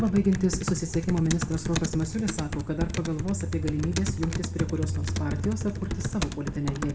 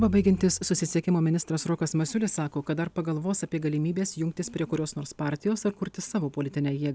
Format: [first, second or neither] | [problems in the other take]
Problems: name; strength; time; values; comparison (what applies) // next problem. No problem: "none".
second | background sound (Computer keyboard); 2 dB below the speech // room echo; dies away in 0.8 s